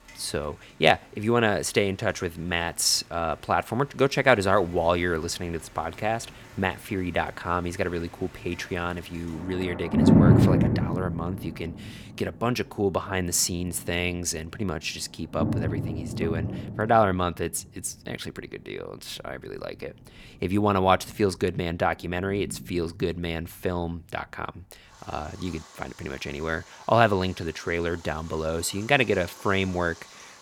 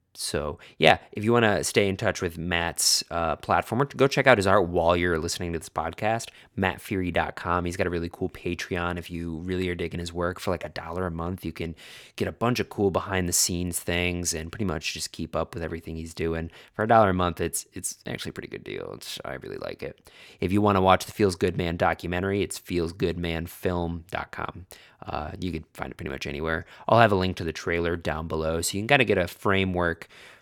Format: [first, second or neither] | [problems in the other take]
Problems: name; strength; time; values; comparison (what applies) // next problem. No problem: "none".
second | rain or running water; very loud; throughout; 2 dB above the speech